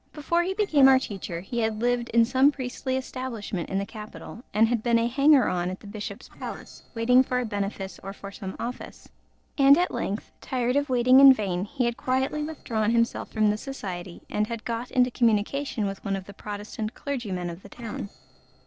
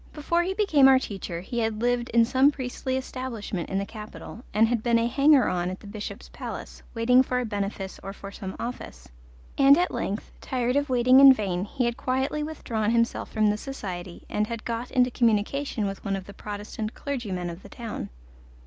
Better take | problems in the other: second | noise reduction (neural separator model SepFormer DNS4)

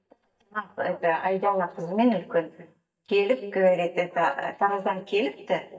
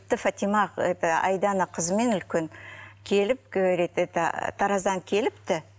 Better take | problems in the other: second | noise reduction (neural mask model DeepFilterNet 3)

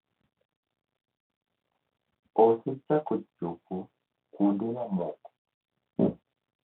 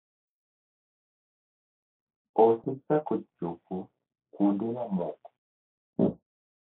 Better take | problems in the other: first | noise reduction (neural mask model Resemble Enhance denoiser)

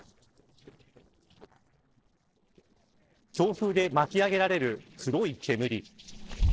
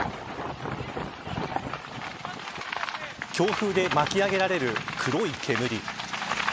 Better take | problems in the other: second | noise reduction (neural separator model SepFormer DNS4)

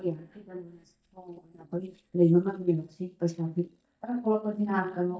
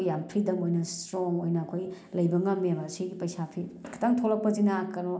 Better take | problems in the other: second | noise reduction (neural mask model DeepFilterNet 3)

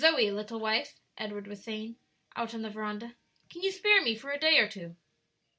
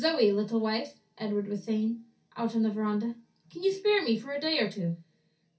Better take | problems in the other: first | room echo; dies away in 0.3 s

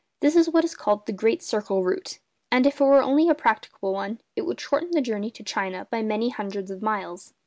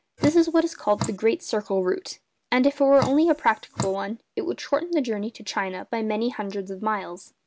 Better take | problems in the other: first | background sound (Drip); 9 dB below the speech

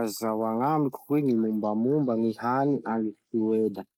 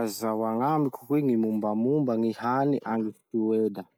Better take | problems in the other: second | noise reduction (neural mask model Resemble Enhance denoiser)

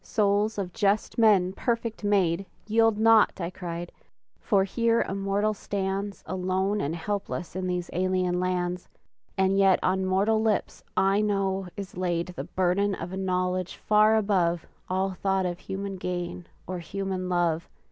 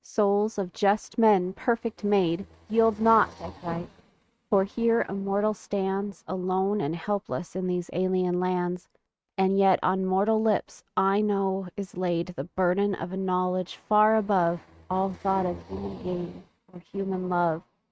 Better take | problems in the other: first | noise reduction (neural mask model RNNoise)

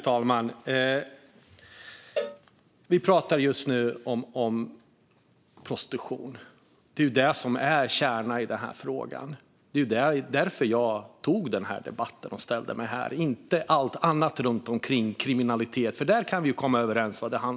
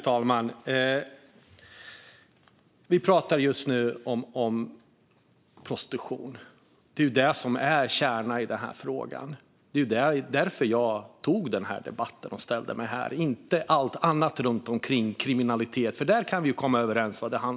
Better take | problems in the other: second | background sound (Cowbell); 12 dB below the speech

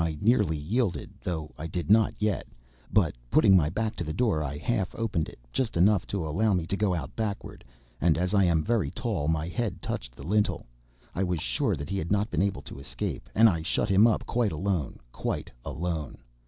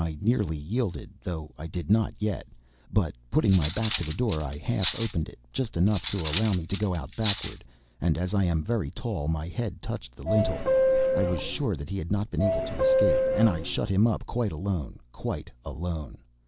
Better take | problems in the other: first | background sound (Cutlery, silverware + Subway, metro, underground / Doorbell); 1 dB below the speech

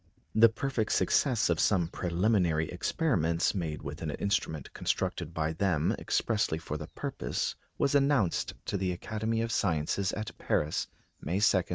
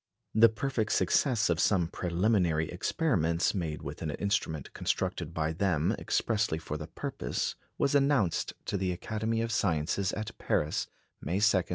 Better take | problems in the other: second | noise reduction (neural mask model RNNoise)

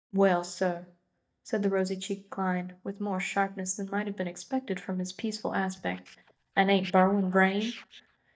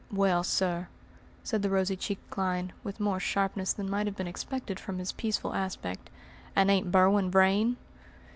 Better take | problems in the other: second | noise reduction (neural mask model DeepFilterNet 3)

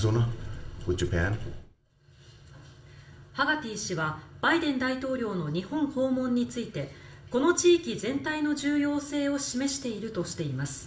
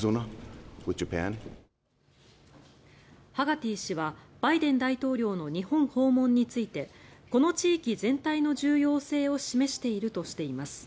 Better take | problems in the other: second | room echo; dies away in 0.4 s

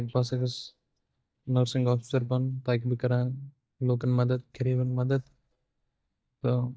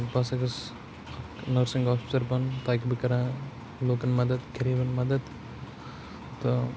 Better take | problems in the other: second | noise reduction (neural mask model DeepFilterNet 3)

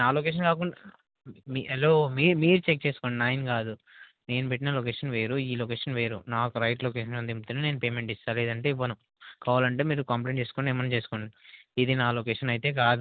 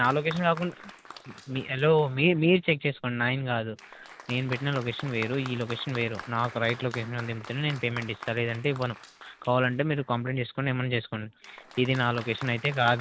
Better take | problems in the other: first | background sound (Applause); 17 dB below the speech

